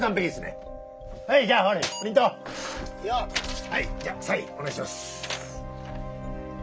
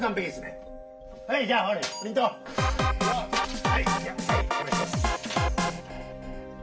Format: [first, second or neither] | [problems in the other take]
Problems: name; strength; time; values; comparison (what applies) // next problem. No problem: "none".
first | background sound (Drum kit); 4 dB above the speech // room echo; dies away in 0.4 s